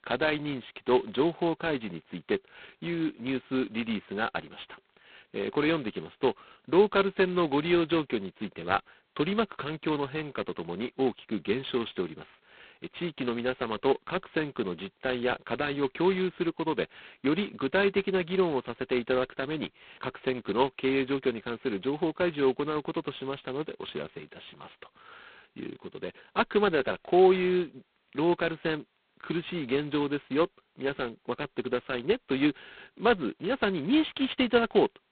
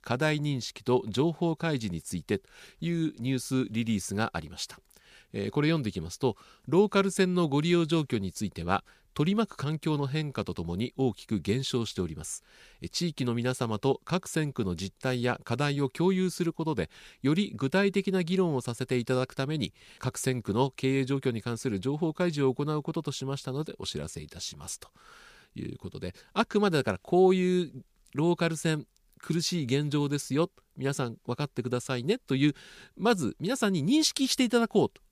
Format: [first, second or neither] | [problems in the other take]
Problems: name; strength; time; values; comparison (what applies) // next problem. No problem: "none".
second | phone-call audio; poor line; nothing above 4 kHz